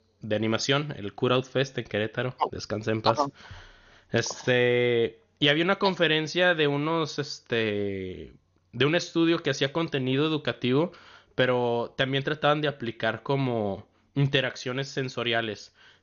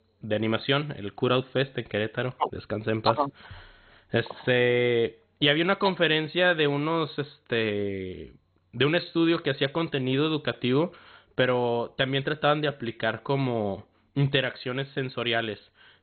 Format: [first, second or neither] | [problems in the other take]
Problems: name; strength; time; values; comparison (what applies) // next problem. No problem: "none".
first | garbled, watery; badly; nothing above 4 kHz; slightly in the first